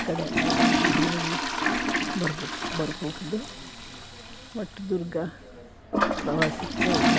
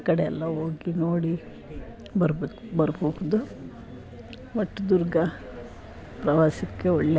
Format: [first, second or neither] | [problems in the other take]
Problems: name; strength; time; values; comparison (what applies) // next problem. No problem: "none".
second | background sound (Toilet flush); 5 dB above the speech